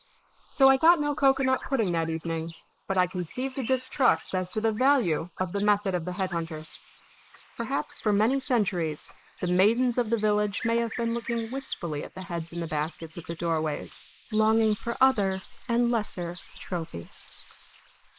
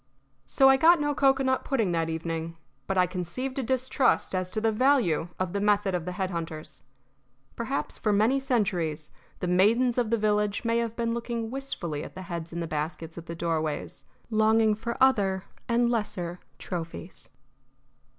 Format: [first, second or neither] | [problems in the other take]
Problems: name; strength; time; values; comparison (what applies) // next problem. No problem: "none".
second | noise reduction (neural mask model Resemble Enhance denoiser)